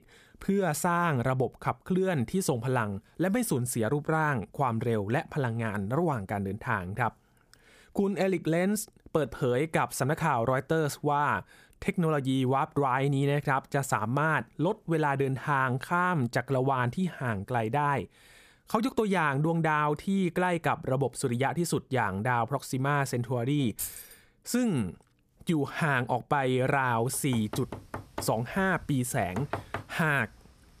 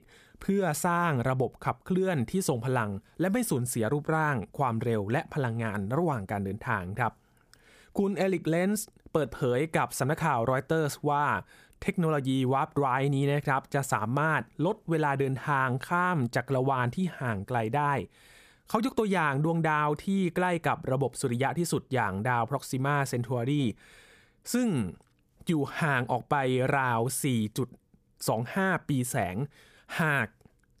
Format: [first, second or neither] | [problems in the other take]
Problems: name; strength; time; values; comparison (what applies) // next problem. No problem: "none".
second | jangling keys; noticeable; at 24 s; peak 7 dB below the speech // door banging; noticeable; from 27 to 30 s; peak 8 dB below the speech